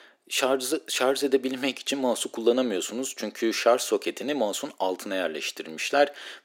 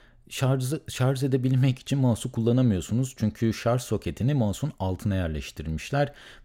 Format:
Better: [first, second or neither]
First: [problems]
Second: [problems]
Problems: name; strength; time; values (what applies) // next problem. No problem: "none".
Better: second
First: thin; somewhat; fading below 300 Hz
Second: none